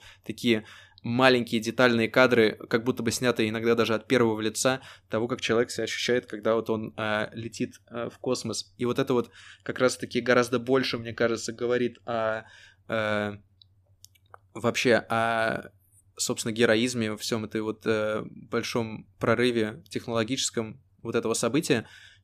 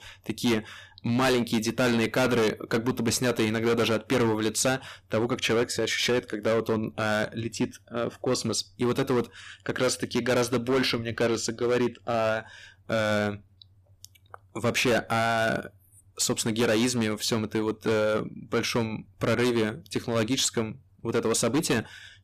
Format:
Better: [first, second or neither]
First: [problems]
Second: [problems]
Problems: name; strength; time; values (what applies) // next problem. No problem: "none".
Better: first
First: none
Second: distortion; heavy; 13% of the sound clipped